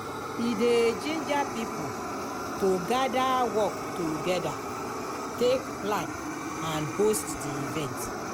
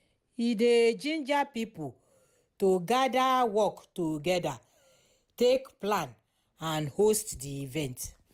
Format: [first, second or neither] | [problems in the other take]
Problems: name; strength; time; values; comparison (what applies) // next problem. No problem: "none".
second | background sound (Fire); 4 dB below the speech